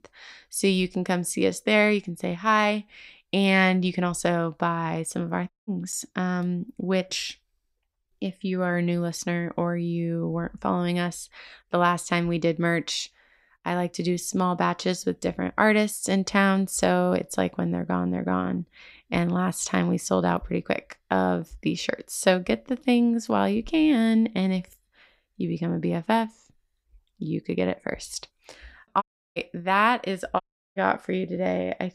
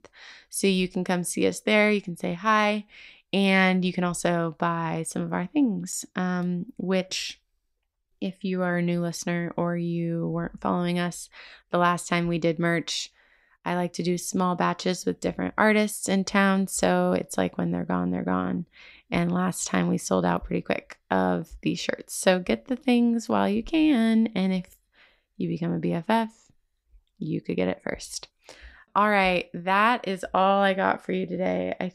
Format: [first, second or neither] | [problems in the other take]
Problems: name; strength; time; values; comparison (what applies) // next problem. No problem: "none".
second | audio cutting out; at 5.5 s, at 29 s and at 30 s